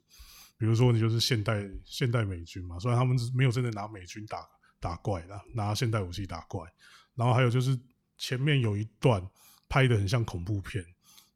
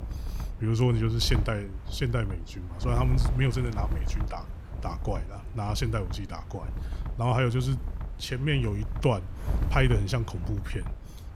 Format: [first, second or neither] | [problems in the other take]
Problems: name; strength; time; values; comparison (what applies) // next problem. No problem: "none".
first | wind noise on the microphone; occasional gusts; 15 dB below the speech